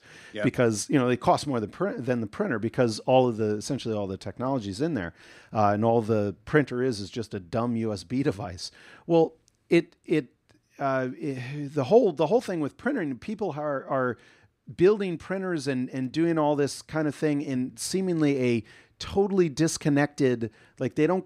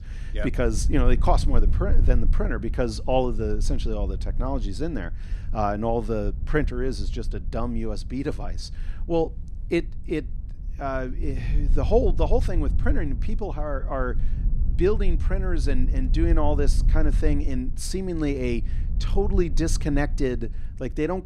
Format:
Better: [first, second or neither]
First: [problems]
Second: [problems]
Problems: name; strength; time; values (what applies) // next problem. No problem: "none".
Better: first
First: none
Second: low rumble; noticeable; throughout; 20 dB below the speech